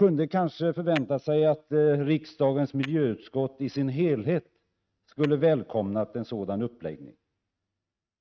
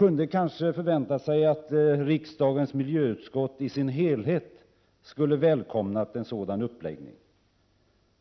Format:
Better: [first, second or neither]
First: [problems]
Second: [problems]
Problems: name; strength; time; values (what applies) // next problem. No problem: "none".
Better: second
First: noise reduction (neural mask model RNNoise)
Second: none